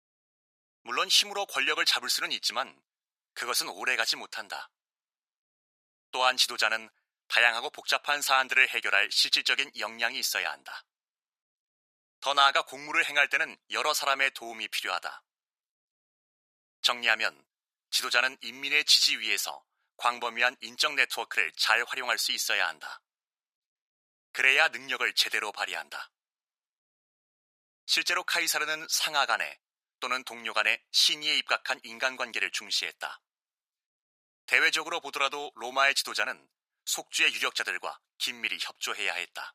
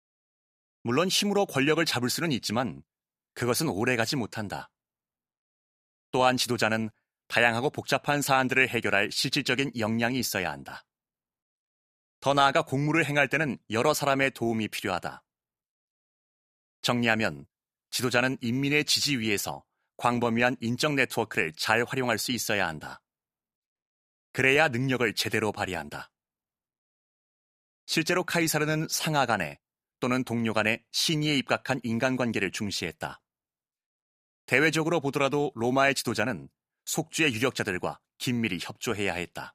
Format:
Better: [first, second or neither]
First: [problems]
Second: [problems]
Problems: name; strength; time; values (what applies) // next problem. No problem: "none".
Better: second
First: thin; very; fading below 850 Hz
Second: none